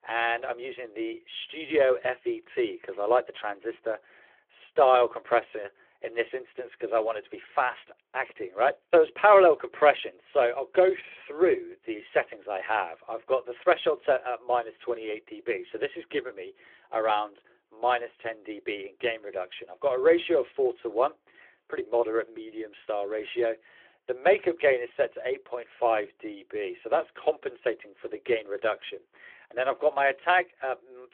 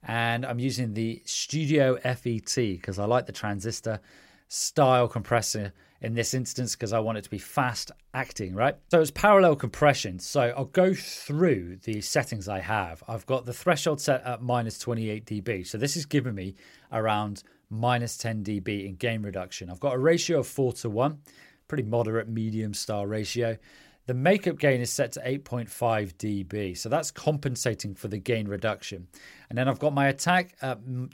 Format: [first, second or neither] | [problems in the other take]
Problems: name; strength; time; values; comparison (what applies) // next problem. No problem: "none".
second | phone-call audio; nothing above 3.5 kHz